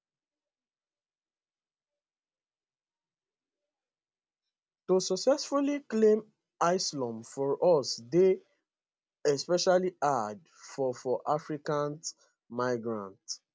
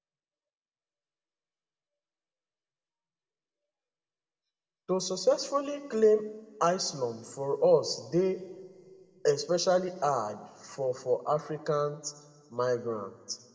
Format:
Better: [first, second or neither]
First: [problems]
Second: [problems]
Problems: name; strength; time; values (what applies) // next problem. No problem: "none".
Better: first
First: none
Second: room echo; dies away in 1.4 s